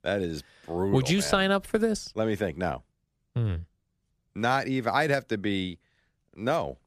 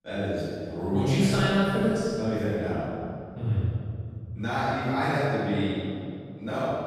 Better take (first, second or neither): first